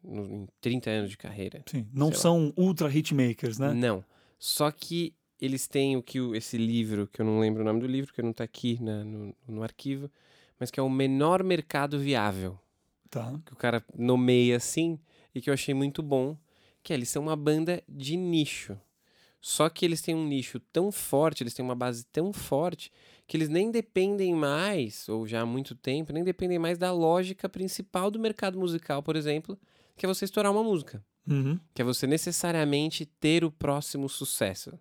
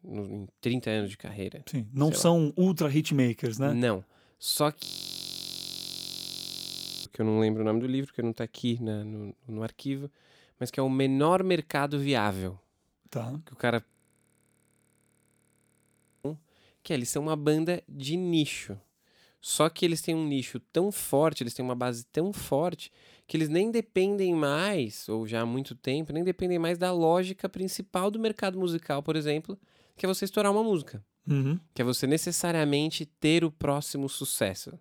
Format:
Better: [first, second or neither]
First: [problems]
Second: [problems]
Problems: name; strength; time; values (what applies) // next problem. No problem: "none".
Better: first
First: none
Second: audio freezing; at 5 s for 2 s and at 14 s for 2.5 s